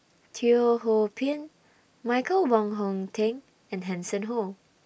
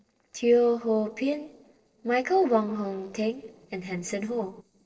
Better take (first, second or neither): first